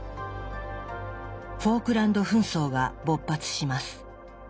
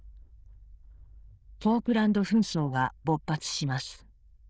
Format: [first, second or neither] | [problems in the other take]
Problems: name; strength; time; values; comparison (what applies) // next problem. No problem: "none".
first | noise reduction (neural diffusion model UNIVERSE++)